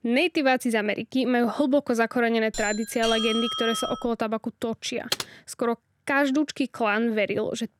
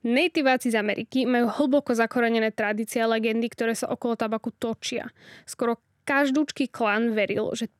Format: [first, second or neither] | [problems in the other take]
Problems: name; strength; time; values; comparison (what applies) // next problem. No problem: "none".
second | doorbell; noticeable; from 2.5 to 4 s; peak 1 dB below the speech // keyboard typing; noticeable; at 5 s; peak 4 dB below the speech